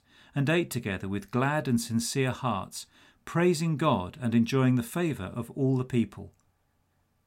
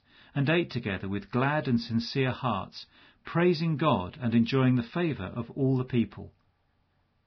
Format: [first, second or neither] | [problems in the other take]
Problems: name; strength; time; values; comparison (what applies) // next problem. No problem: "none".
first | garbled, watery; badly; nothing above 5.5 kHz